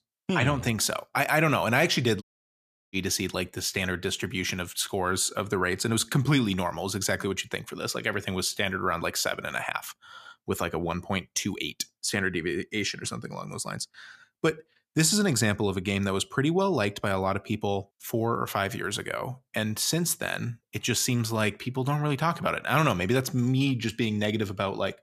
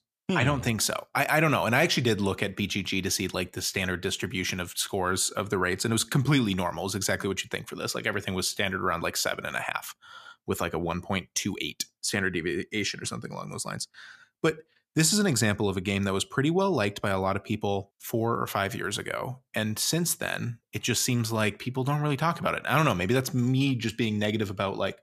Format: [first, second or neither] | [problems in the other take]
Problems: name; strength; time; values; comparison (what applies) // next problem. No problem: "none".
second | audio cutting out; at 2 s for 0.5 s